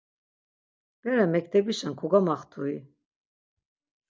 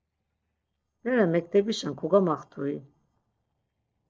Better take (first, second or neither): first